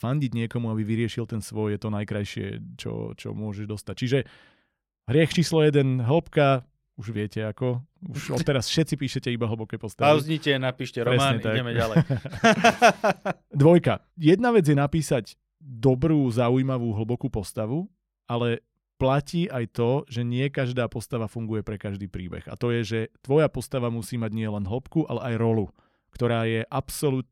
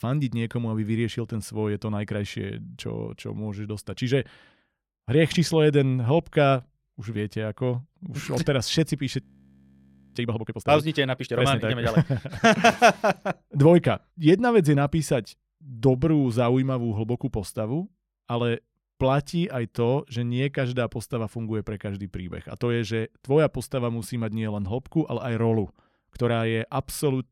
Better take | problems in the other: first | audio freezing; at 9 s for 1 s

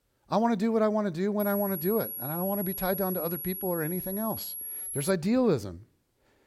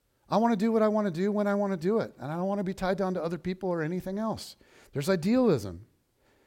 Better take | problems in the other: second | high-pitched whine; loud; from 1.5 to 5 s; 11.5 kHz, 5 dB below the speech

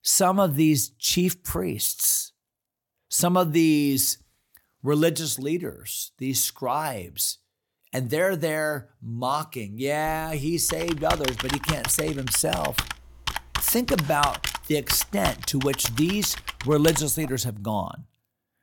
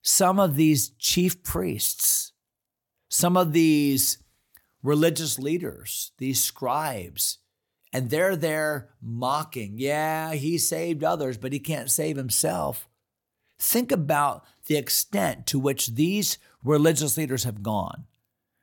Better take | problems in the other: second | keyboard typing; noticeable; from 10 to 17 s; peak 3 dB below the speech

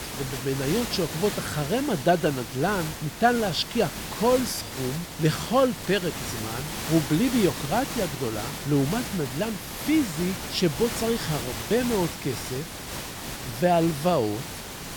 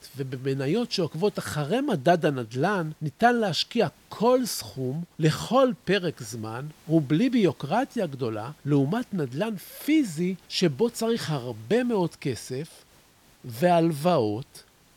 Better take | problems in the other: second | hiss; loud; throughout; 7 dB below the speech; faint in the second

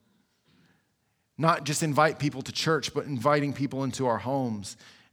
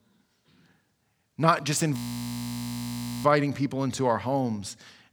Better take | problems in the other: first | audio freezing; at 2 s for 1.5 s

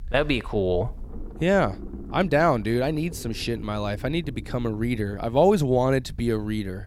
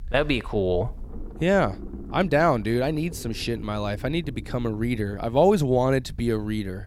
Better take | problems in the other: neither | low rumble; faint; throughout; 25 dB below the speech; the same in both

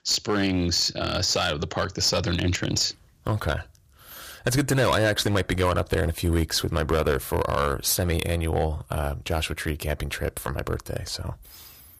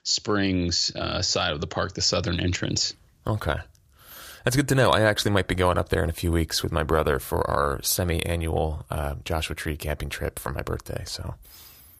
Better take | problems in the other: second | distortion; slight; 4% of the sound clipped

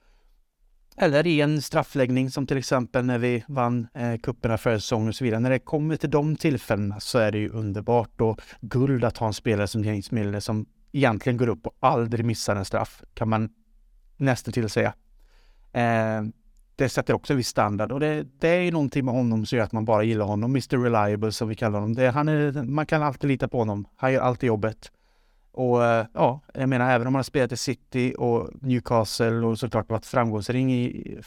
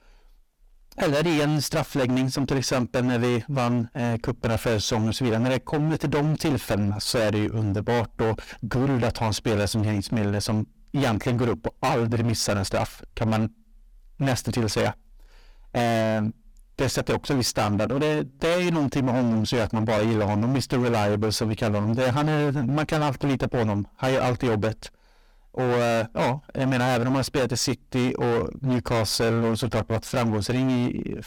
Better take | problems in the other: first | distortion; heavy; 25% of the sound clipped

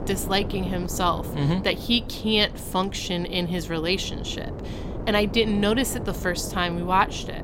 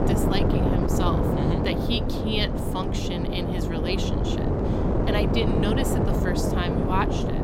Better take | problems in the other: first | wind noise on the microphone; heavy; 1 dB above the speech; occasional gusts in the first

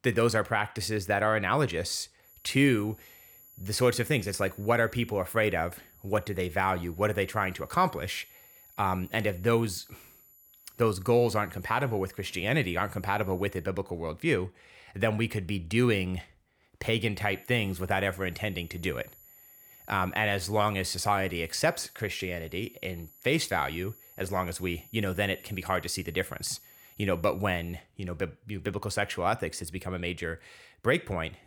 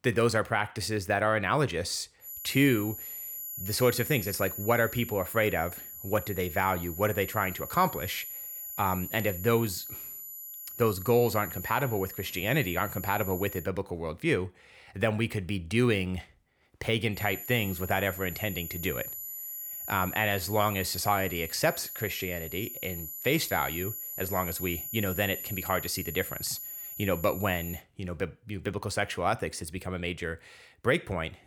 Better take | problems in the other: first | high-pitched whine; loud; from 2.5 to 14 s and from 17 to 28 s; 11.5 kHz, 8 dB below the speech; faint in the first

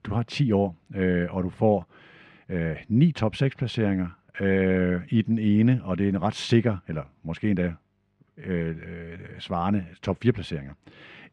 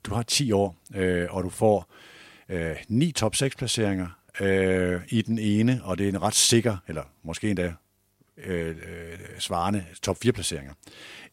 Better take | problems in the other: second | muffled; slightly; fading above 2 kHz

